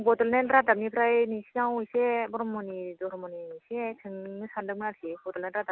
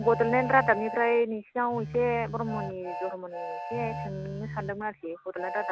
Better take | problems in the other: first | background sound (Train + Telephone); 8 dB below the speech

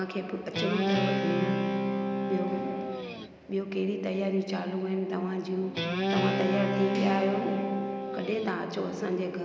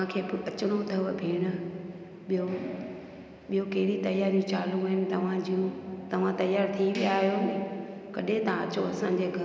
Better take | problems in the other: second | background sound (Guitar); 1 dB above the speech

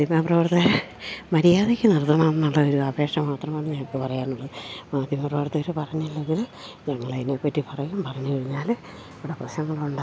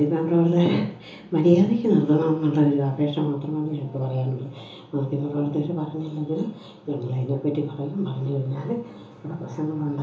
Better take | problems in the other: first | room echo; dies away in 1.2 s

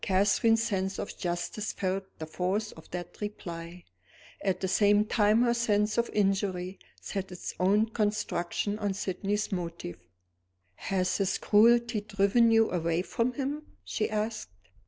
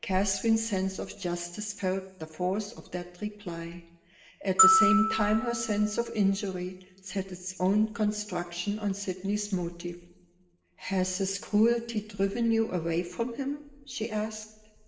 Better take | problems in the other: first | background sound (Glockenspiel); 1 dB above the speech // room echo; dies away in 0.9 s

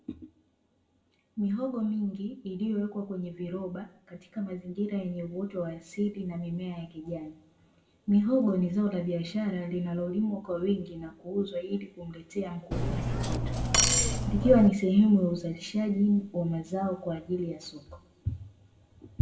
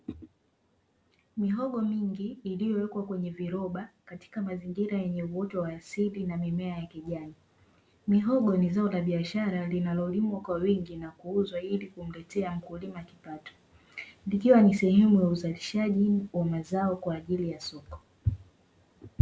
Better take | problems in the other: second | background sound (Cutlery, silverware); 3 dB above the speech // room echo; dies away in 0.6 s

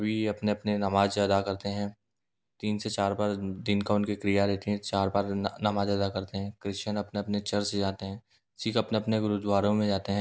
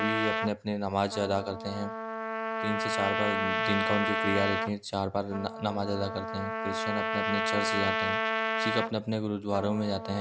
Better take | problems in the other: first | background sound (Trumpet); as loud as the speech

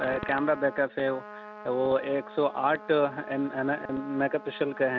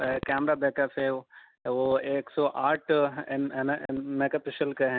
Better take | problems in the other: second | background sound (Trumpet); 15 dB below the speech

